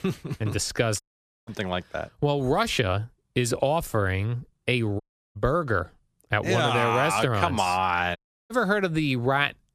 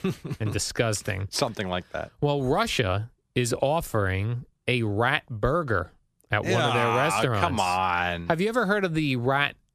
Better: second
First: audio cutting out; at 1 s, at 5 s and at 8 s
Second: none

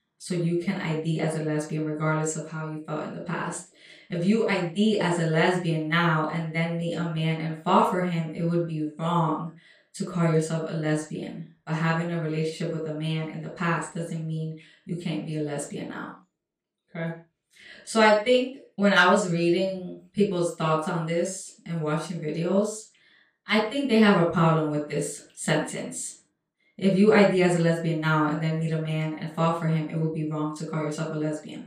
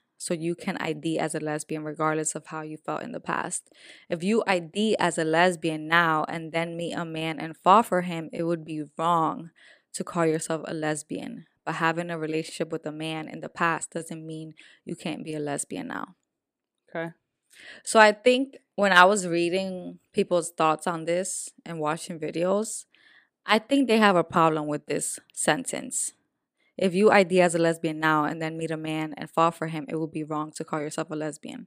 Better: second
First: room echo; noticeable; dies away in 0.3 s // off-mic speech; far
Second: none

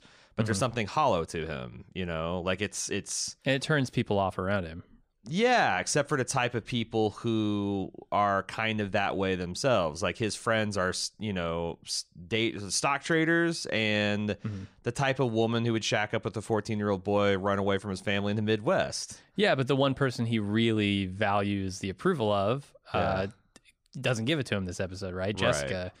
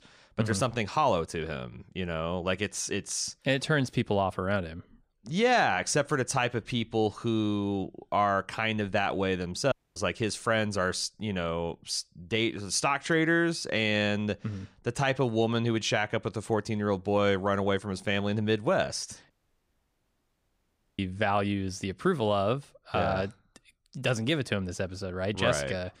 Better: first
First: none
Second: audio cutting out; at 9.5 s and at 19 s for 1.5 s

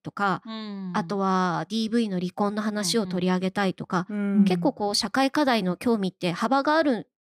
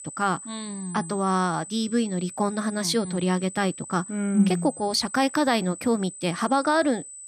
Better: first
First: none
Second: high-pitched whine; noticeable; throughout; 8 kHz, 15 dB below the speech

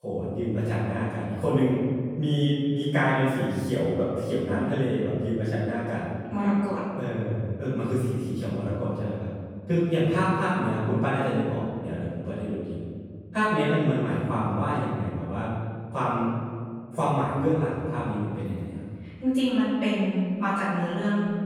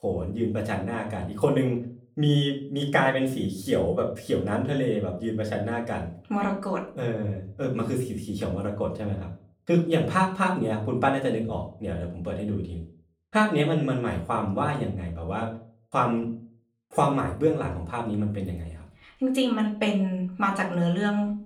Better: second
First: room echo; strong; dies away in 1.9 s // off-mic speech; far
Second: room echo; slight; dies away in 0.4 s // off-mic speech; far

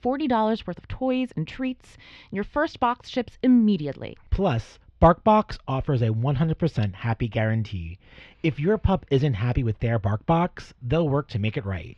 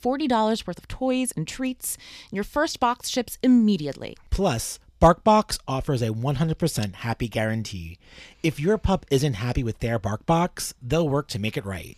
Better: second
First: muffled; slightly; fading above 3 kHz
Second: none

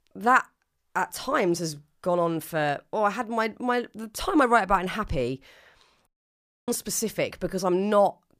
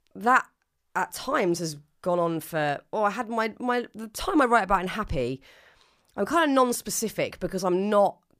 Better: second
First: audio cutting out; at 6 s for 0.5 s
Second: none

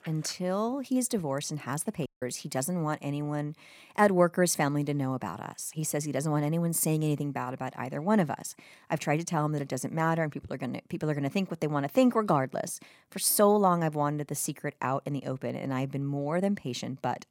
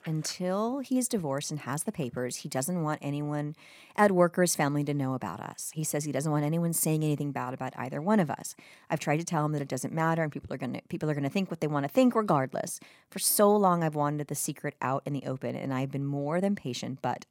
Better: second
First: audio cutting out; at 2 s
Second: none

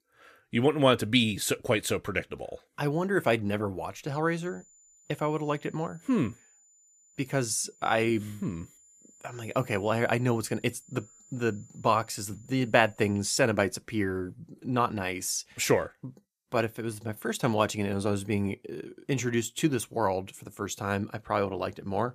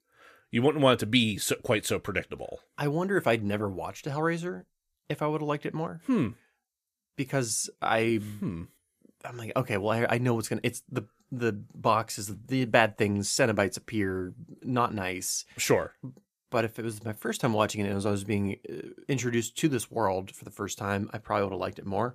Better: second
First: high-pitched whine; faint; from 4.5 to 13 s; 7 kHz, 30 dB below the speech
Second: none

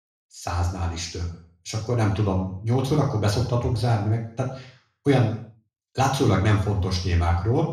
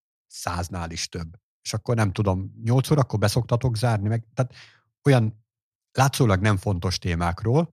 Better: second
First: room echo; noticeable; dies away in 0.6 s // off-mic speech; far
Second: none

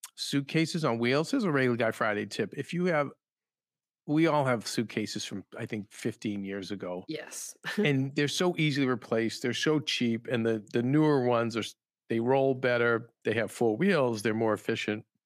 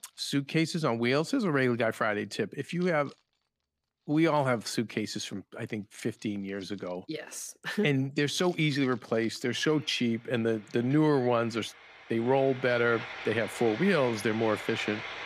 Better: first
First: none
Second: household noises; noticeable; throughout; 15 dB below the speech

